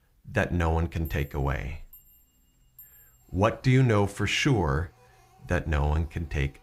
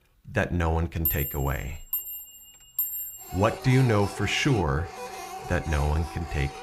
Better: first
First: household noises; faint; throughout; 30 dB below the speech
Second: household noises; loud; throughout; 7 dB below the speech

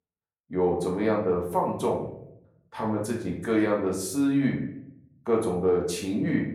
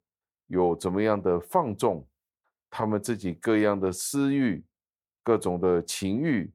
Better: second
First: room echo; slight; dies away in 0.6 s // off-mic speech; somewhat distant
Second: none

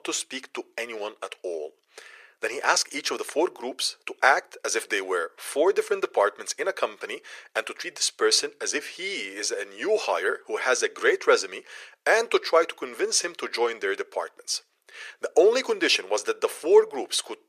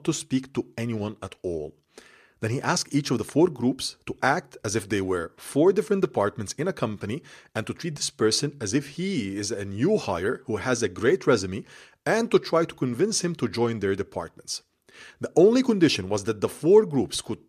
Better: second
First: thin; very; fading below 450 Hz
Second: none

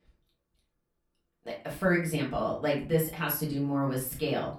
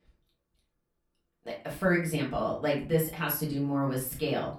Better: neither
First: off-mic speech; far // room echo; slight; dies away in 0.3 s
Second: off-mic speech; far // room echo; slight; dies away in 0.3 s

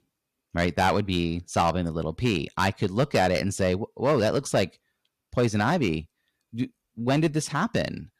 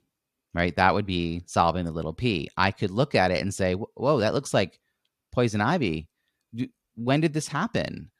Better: second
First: distortion; slight; 4% of the sound clipped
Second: none

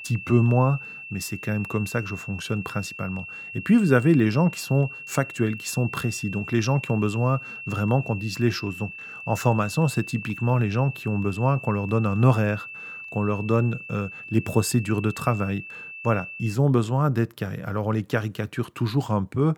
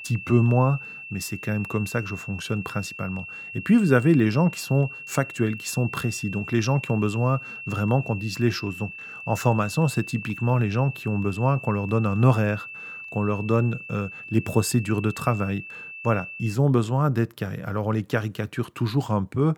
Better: neither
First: high-pitched whine; noticeable; until 17 s; 2.5 kHz, 10 dB below the speech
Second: high-pitched whine; noticeable; until 17 s; 2.5 kHz, 10 dB below the speech

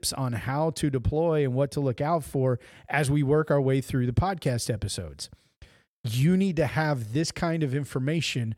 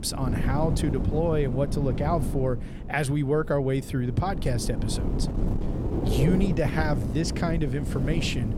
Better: first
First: none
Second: wind noise on the microphone; heavy; 7 dB below the speech

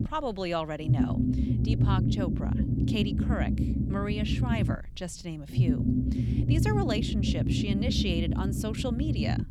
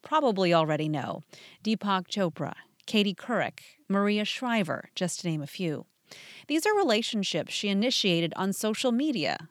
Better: second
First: low rumble; loud; throughout; 2 dB below the speech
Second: none

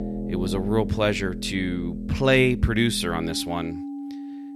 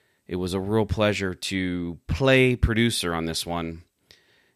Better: second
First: background music; loud; throughout; 8 dB below the speech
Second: none

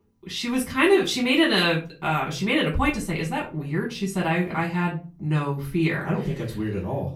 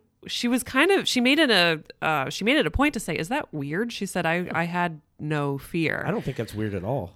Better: second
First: off-mic speech; far // room echo; very slight; dies away in 0.3 s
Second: none

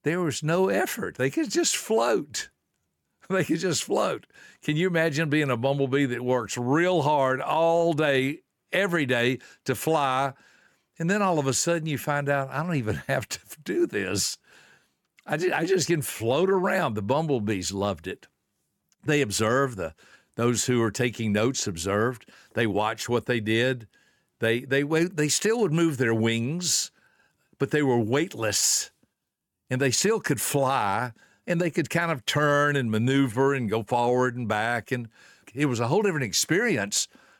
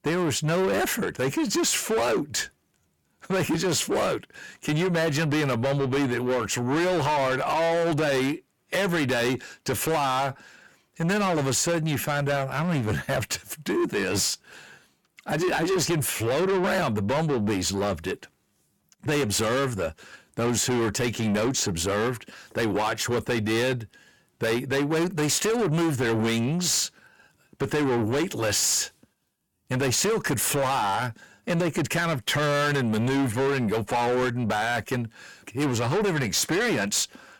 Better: first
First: none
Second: distortion; heavy; 7 dB below the speech

